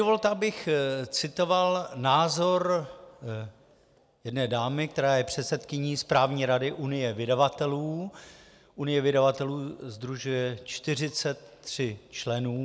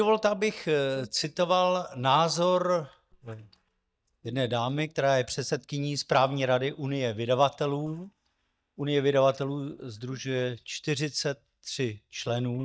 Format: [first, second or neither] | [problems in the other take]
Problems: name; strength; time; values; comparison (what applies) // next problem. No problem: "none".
first | noise reduction (neural mask model DeepFilterNet 3)